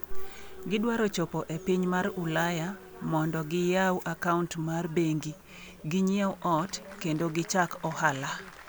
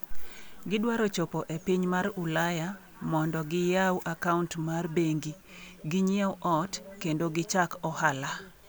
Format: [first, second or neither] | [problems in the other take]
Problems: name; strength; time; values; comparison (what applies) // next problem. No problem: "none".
second | background sound (Applause); 20 dB below the speech